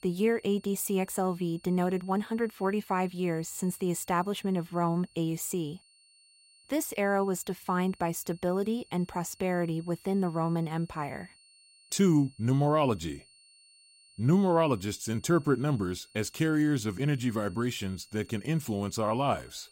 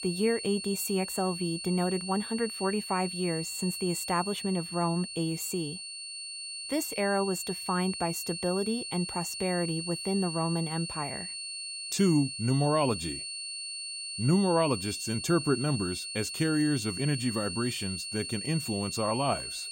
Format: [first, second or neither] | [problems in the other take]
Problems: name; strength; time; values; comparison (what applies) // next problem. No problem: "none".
first | high-pitched whine; loud; throughout; 4.5 kHz, 5 dB below the speech; faint in the first